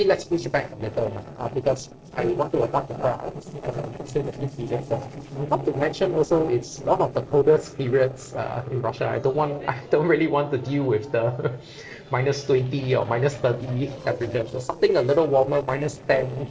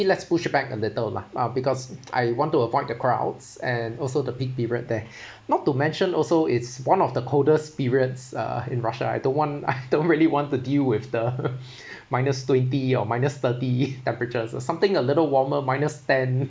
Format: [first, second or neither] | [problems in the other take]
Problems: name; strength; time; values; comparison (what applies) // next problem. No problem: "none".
second | noise reduction (neural separator model SepFormer DNS4)